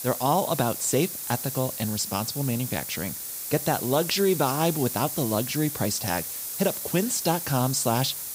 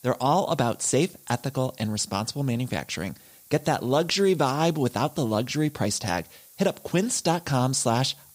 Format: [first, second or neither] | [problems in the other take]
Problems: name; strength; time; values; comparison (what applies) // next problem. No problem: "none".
second | hiss; loud; throughout; 5 dB below the speech; faint in the second